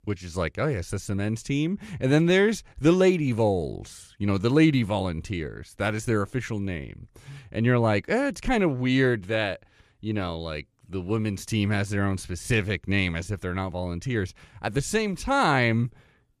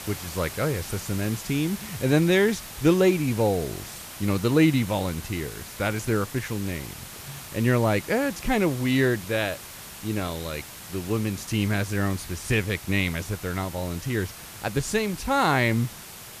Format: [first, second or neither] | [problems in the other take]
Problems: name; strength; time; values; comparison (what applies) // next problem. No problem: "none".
first | hiss; noticeable; throughout; 15 dB below the speech